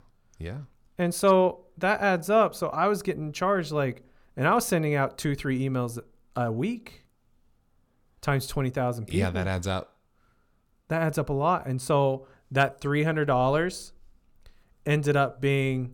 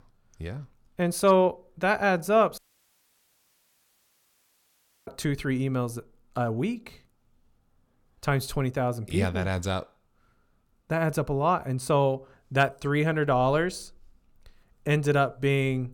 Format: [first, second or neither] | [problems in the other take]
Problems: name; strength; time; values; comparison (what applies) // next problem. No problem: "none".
first | audio cutting out; at 2.5 s for 2.5 s